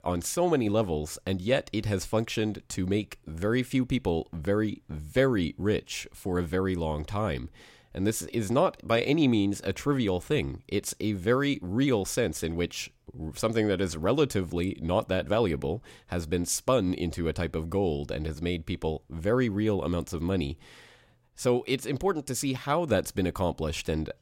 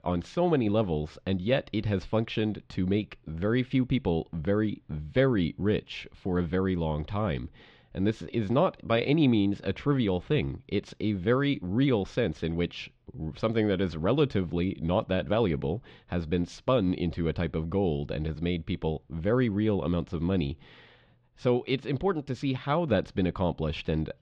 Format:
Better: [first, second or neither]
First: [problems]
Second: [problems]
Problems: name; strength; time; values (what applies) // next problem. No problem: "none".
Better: first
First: none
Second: muffled; slightly; fading above 3.5 kHz